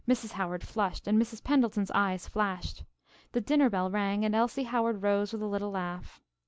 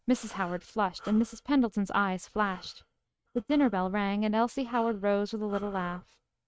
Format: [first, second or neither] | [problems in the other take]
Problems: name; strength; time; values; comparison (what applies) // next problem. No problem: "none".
first | noise reduction (neural mask model RNNoise)